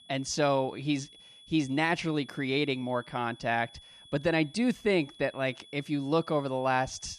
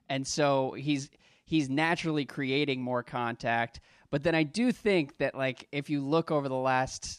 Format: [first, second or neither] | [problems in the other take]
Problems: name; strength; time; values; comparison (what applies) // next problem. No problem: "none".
second | high-pitched whine; faint; throughout; 3.5 kHz, 20 dB below the speech